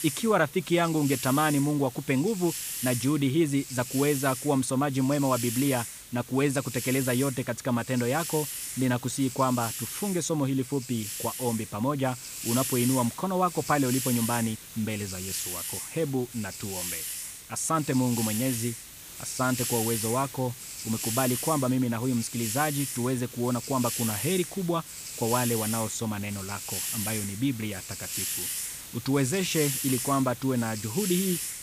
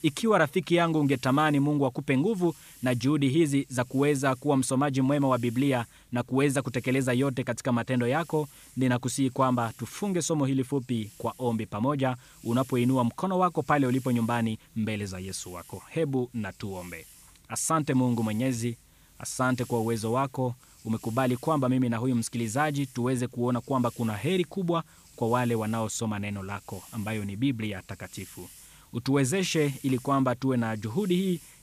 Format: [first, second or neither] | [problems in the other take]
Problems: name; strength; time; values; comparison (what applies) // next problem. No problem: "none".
second | hiss; loud; throughout; 5 dB below the speech; faint in the second